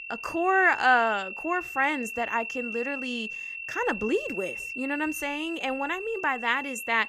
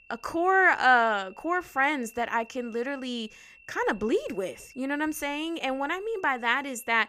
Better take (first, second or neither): second